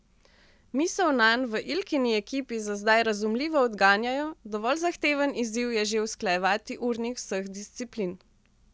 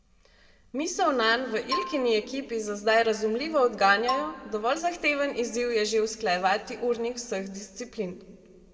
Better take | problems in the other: first | background sound (Marimba, xylophone); 10 dB below the speech // room echo; dies away in 1.2 s

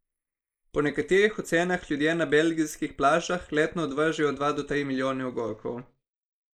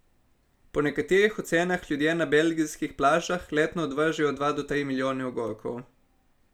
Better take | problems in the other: second | noise reduction (neural mask model Resemble Enhance denoiser)

